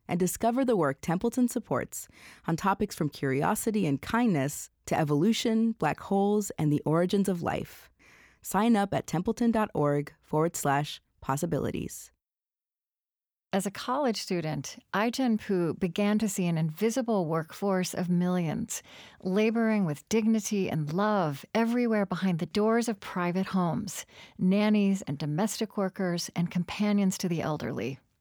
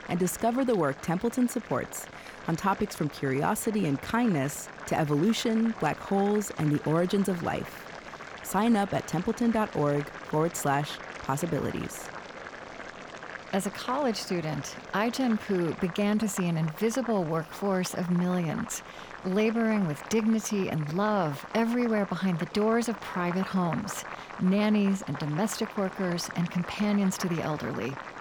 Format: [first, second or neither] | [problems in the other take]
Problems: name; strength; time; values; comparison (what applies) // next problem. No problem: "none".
first | household noises; noticeable; throughout; 15 dB below the speech